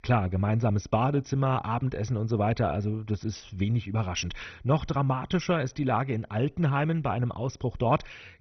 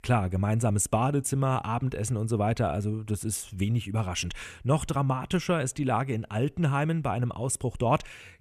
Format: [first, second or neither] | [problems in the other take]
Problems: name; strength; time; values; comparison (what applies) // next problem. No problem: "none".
second | garbled, watery; badly; nothing above 6 kHz